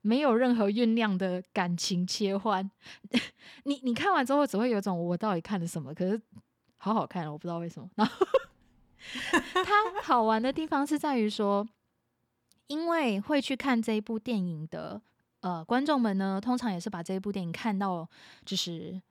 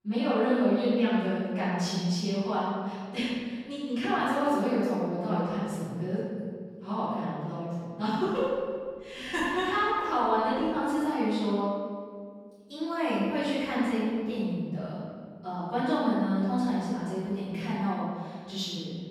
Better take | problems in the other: first | room echo; strong; dies away in 1.6 s // off-mic speech; far

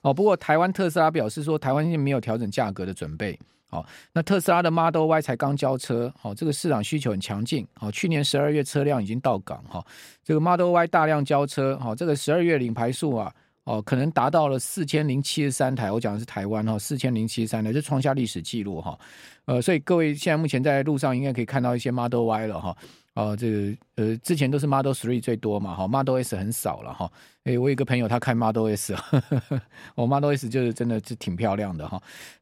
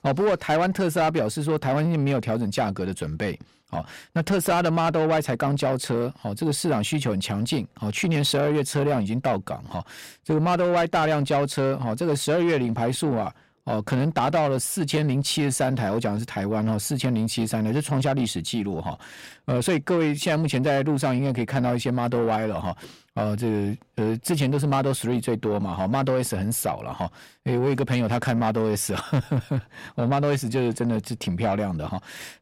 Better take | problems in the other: first | distortion; slight; 10 dB below the speech

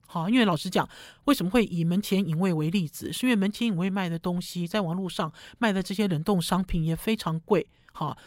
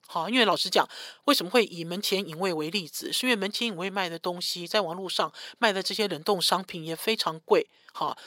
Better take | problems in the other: first | thin; somewhat; fading below 450 Hz

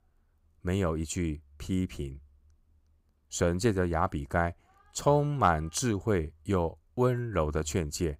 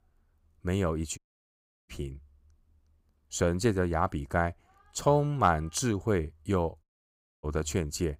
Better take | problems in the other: first | audio cutting out; at 1 s for 0.5 s and at 7 s for 0.5 s

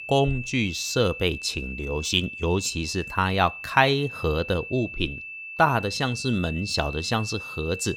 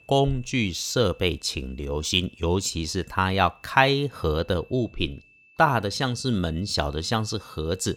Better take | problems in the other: second | high-pitched whine; loud; throughout; 2.5 kHz, 10 dB below the speech; faint in the second

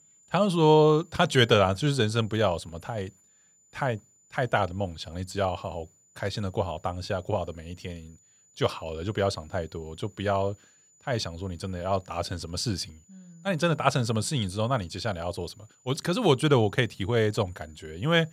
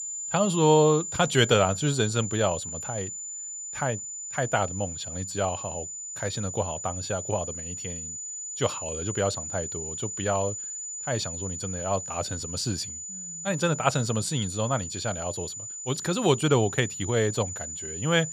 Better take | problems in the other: first | high-pitched whine; loud; throughout; 7 kHz, 6 dB below the speech; faint in the first

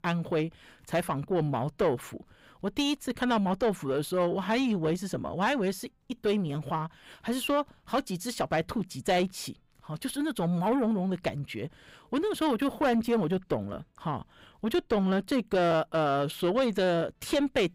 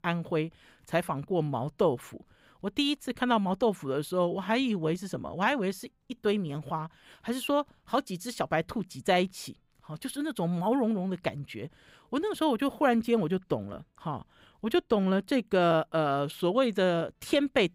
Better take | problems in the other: second | distortion; slight; 10 dB below the speech

